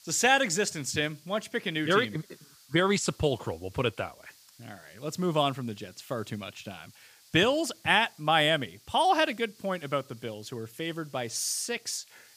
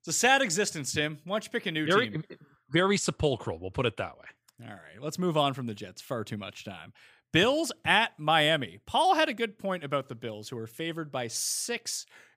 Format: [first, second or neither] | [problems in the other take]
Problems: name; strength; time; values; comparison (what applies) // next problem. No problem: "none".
second | hiss; faint; throughout; 25 dB below the speech